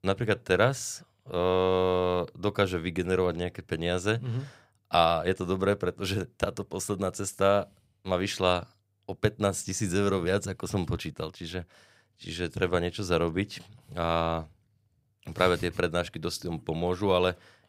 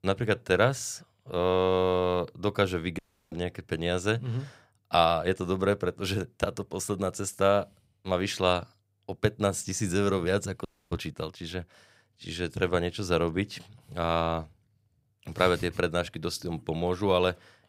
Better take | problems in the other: first | audio cutting out; at 3 s and at 11 s

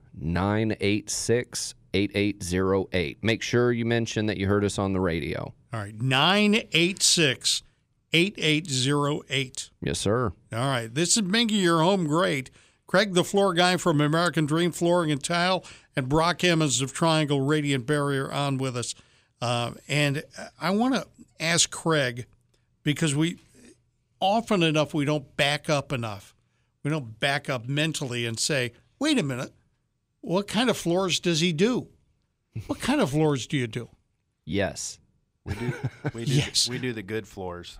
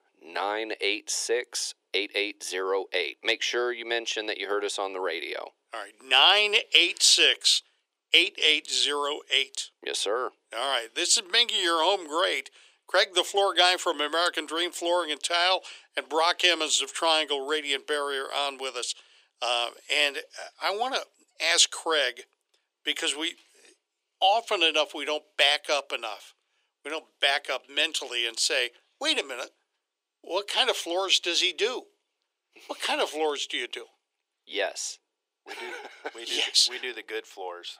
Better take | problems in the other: first | thin; very; fading below 350 Hz

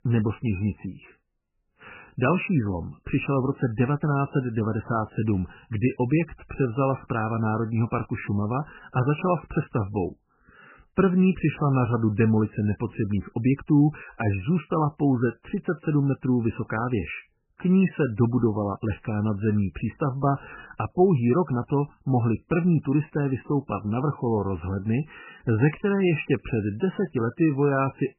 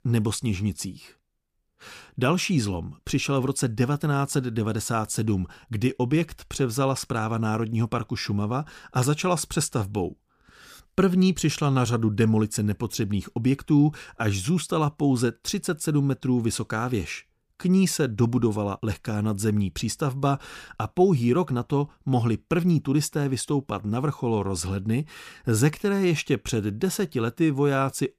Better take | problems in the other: second | garbled, watery; badly; nothing above 3 kHz

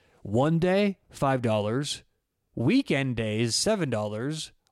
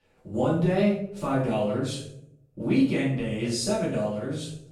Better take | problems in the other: first | room echo; noticeable; dies away in 0.6 s // off-mic speech; far

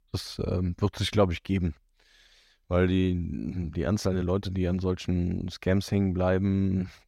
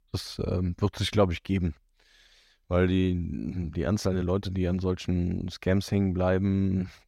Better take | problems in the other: neither | none

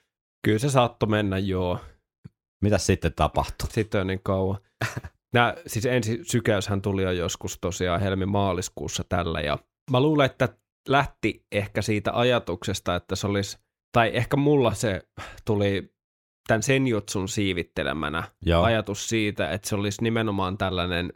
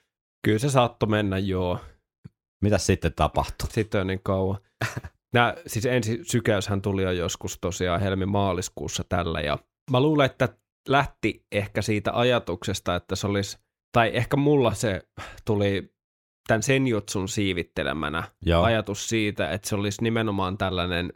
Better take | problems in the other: neither | none

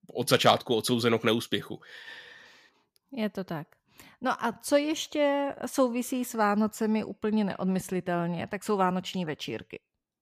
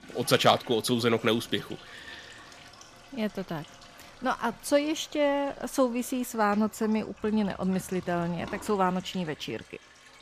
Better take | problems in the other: first | household noises; faint; throughout; 20 dB below the speech

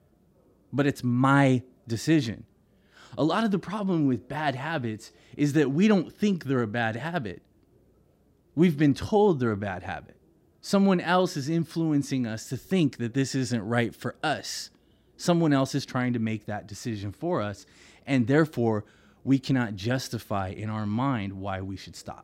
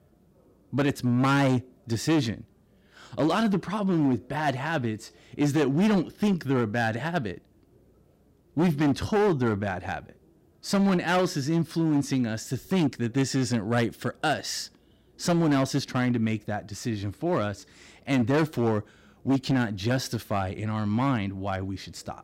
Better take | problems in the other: first | distortion; slight; 8% of the sound clipped

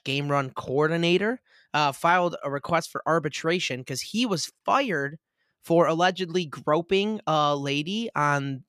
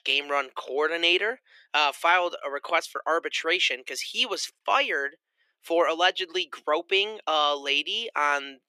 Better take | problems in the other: first | thin; very; fading below 350 Hz

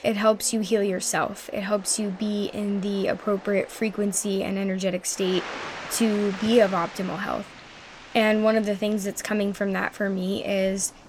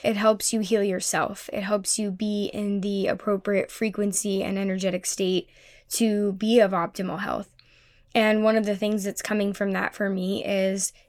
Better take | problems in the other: second | rain or running water; noticeable; throughout; 15 dB below the speech

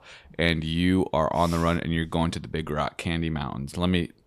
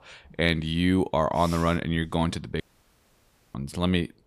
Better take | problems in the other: first | audio cutting out; at 2.5 s for 1 s

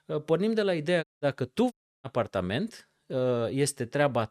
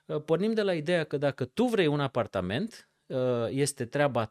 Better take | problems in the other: second | audio cutting out; at 1 s and at 1.5 s

